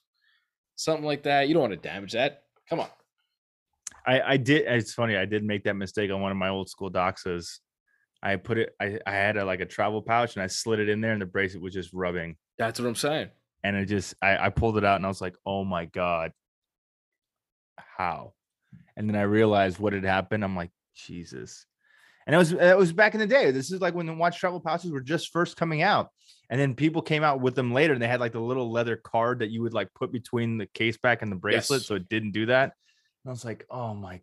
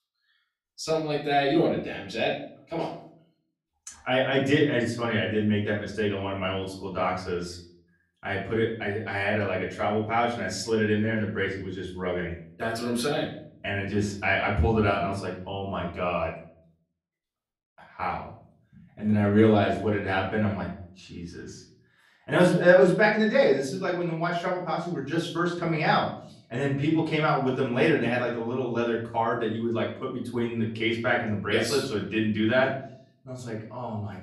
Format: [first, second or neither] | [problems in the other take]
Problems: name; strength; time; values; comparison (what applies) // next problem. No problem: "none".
first | off-mic speech; far // room echo; slight; dies away in 0.5 s